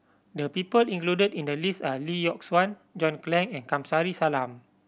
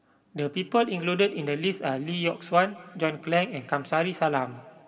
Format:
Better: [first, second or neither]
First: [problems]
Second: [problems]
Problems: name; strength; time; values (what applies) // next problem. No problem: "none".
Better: first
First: none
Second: room echo; dies away in 1.8 s